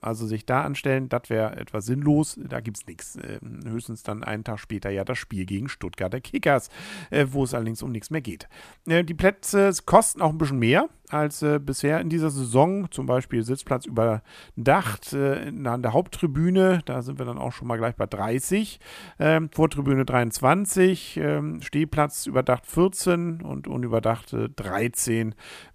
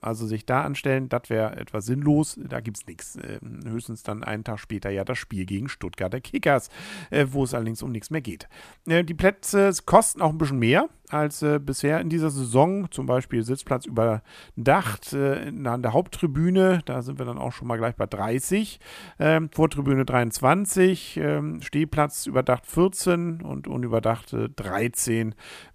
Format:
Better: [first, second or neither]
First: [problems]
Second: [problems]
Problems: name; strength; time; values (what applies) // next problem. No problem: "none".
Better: neither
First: none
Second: none